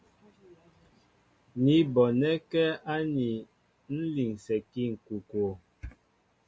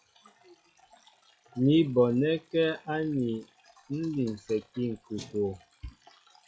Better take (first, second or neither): first